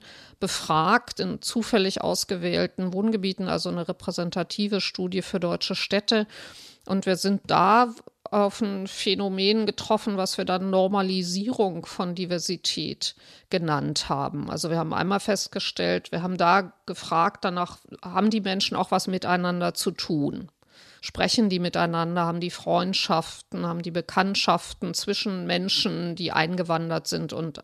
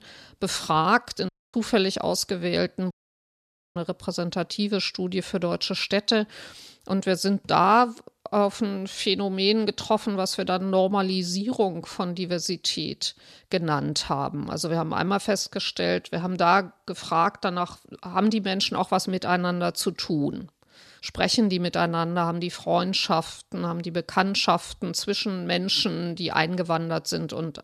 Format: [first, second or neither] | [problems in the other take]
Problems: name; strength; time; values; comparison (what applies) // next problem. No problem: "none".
first | audio cutting out; at 1.5 s and at 3 s for 1 s